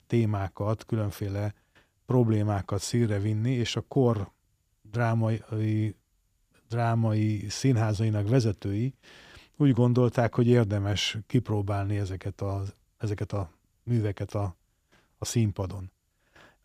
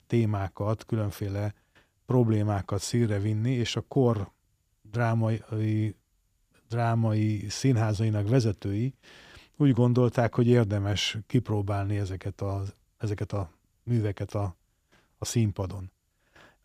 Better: neither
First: none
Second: none

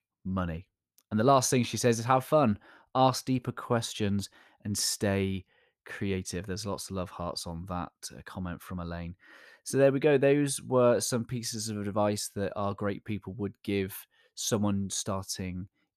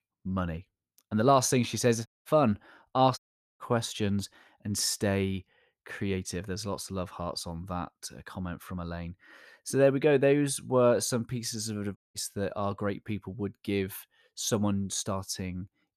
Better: first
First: none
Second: audio cutting out; at 2 s, at 3 s and at 12 s

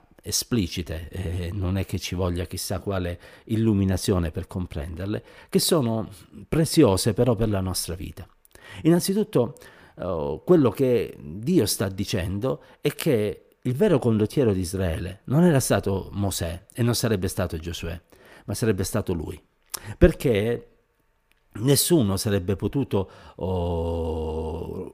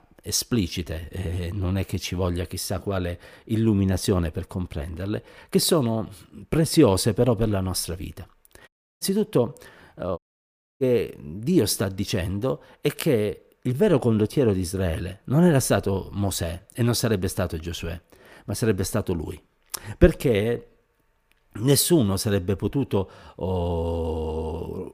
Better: first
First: none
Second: audio cutting out; at 8.5 s and at 10 s for 0.5 s

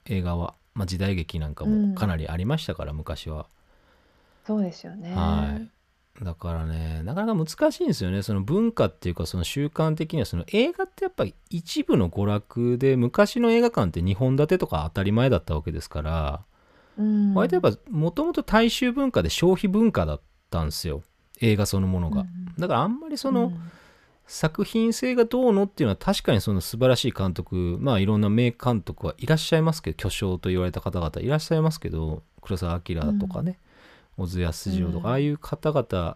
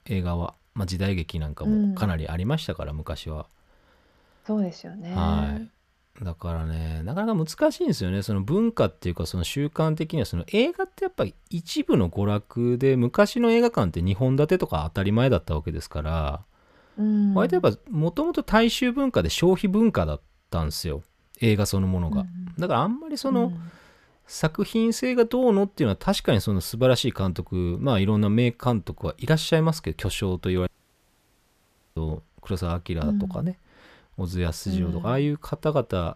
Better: first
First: none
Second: audio cutting out; at 31 s for 1.5 s

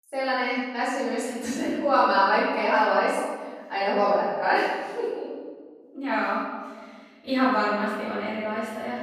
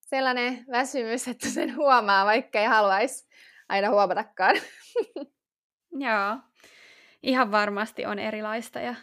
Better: second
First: off-mic speech; far // room echo; strong; dies away in 1.6 s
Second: none

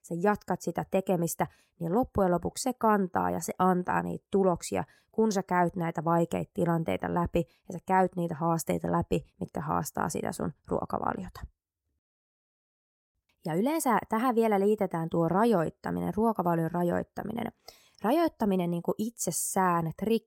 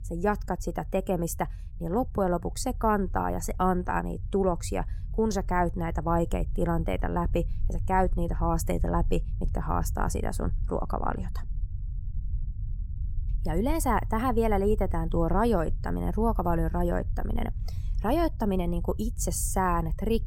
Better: first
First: none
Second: low rumble; faint; throughout; 25 dB below the speech

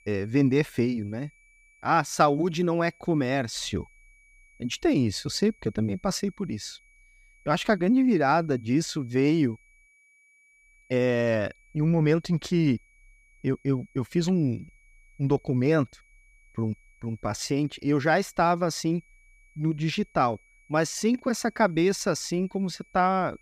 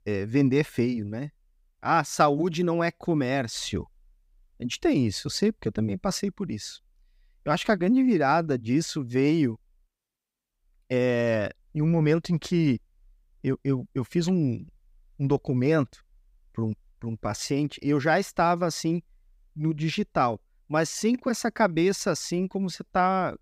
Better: second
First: high-pitched whine; faint; throughout; 2.5 kHz, 35 dB below the speech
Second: none

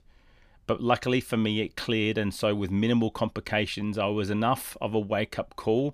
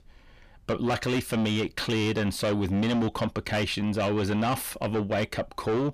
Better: first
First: none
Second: distortion; heavy; 8 dB below the speech

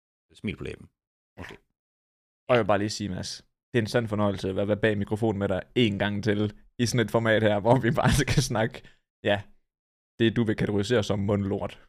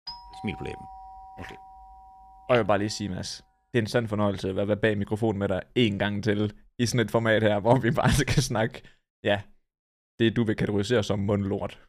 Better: first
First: none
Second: doorbell; faint; until 3 s; peak 15 dB below the speech

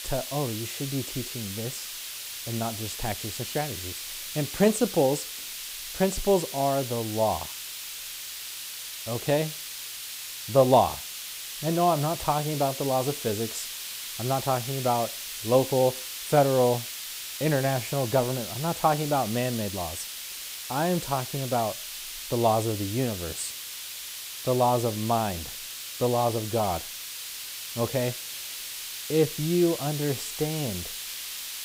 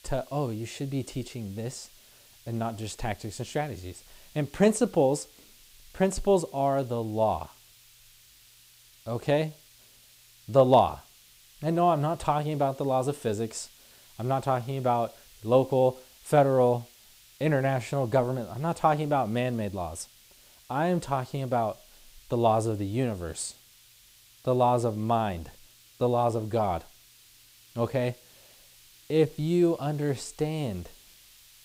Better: second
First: hiss; loud; throughout; 7 dB below the speech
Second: hiss; faint; throughout; 25 dB below the speech

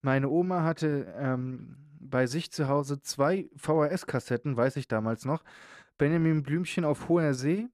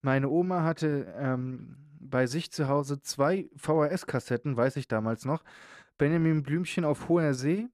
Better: neither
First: none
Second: none

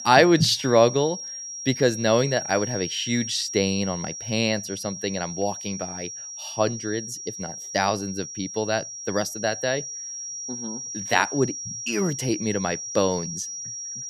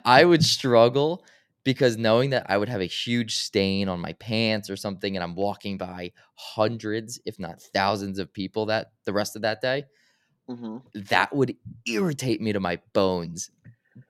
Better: second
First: high-pitched whine; loud; throughout; 5.5 kHz, 8 dB below the speech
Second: none

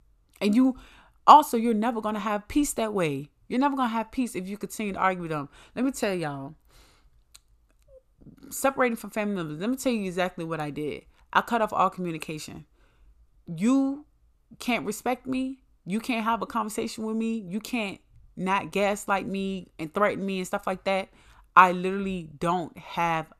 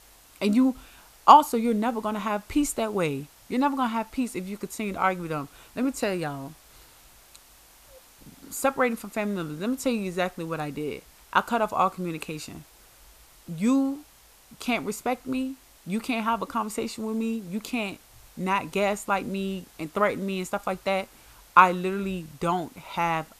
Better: first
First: none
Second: hiss; faint; throughout; 25 dB below the speech

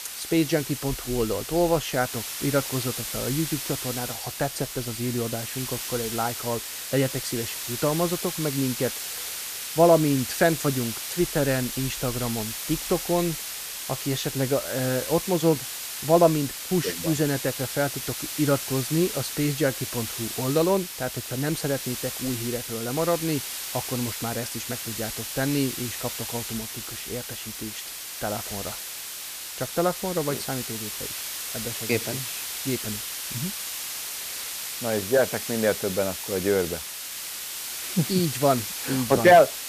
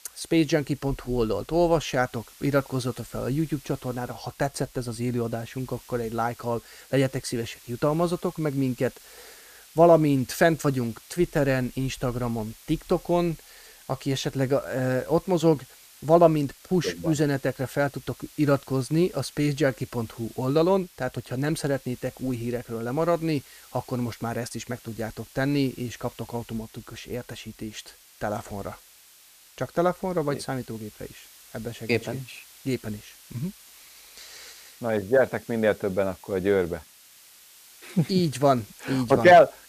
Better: second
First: hiss; loud; throughout; 5 dB below the speech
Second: hiss; faint; throughout; 20 dB below the speech

